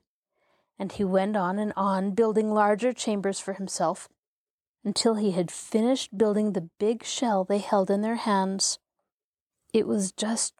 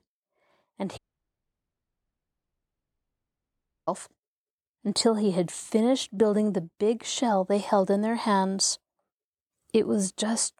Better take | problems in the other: first | audio cutting out; at 1 s for 3 s

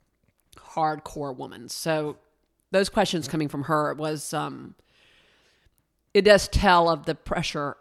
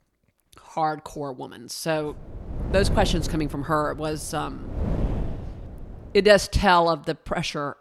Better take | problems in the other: first | wind noise on the microphone; occasional gusts; from 2 to 6 s; 15 dB below the speech

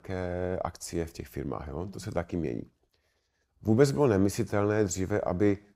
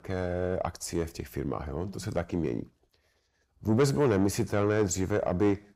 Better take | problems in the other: first | distortion; slight; 10 dB below the speech

